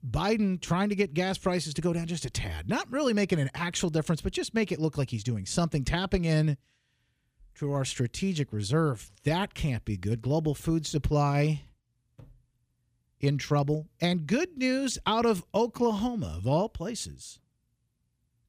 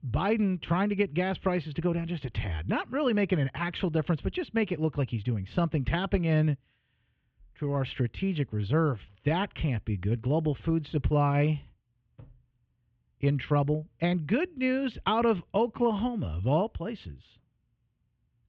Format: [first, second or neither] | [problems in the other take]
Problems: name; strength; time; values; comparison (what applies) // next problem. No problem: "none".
first | muffled; very; fading above 3 kHz